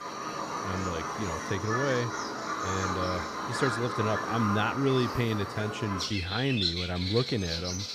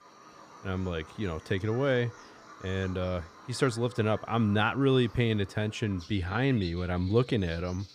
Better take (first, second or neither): second